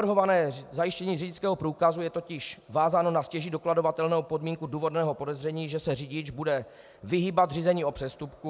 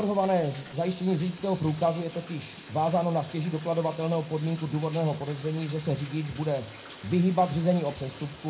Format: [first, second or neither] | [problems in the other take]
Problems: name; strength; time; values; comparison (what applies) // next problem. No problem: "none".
first | background sound (Bathtub (filling or washing)); 18 dB below the speech // room echo; dies away in 0.3 s